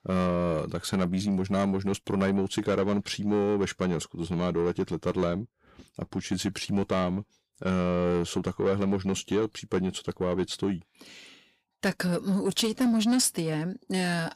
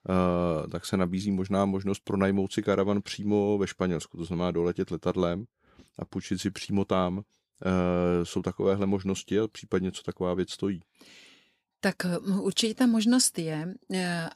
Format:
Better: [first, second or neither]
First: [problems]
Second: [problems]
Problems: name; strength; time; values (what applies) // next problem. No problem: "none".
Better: second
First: distortion; slight; 10 dB below the speech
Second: none